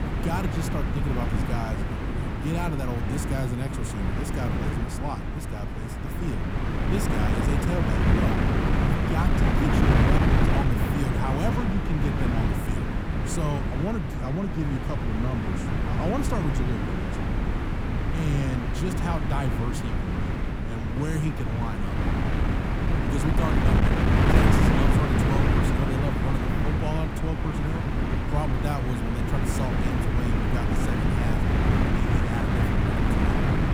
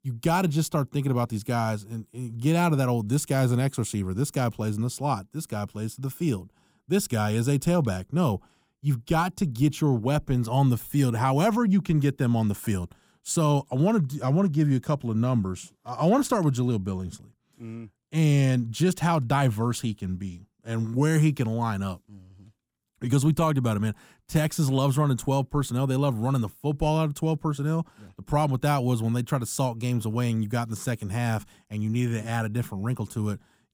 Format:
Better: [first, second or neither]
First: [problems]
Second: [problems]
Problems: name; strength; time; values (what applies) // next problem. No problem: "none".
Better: second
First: wind noise on the microphone; heavy; 4 dB above the speech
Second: none